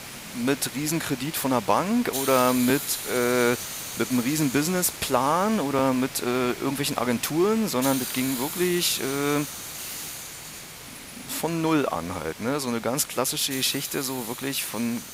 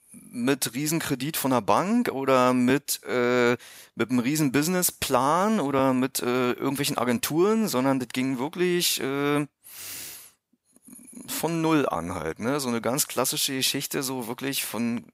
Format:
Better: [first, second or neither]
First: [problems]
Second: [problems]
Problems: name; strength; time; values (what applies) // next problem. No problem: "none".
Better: second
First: hiss; loud; throughout; 9 dB below the speech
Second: none